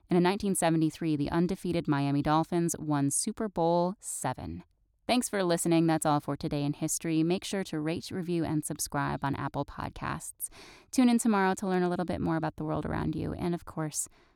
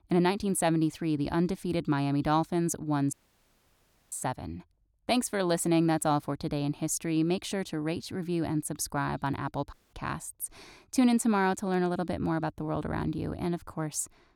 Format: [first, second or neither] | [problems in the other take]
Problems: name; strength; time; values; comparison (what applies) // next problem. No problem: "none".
first | audio cutting out; at 3 s for 1 s and at 9.5 s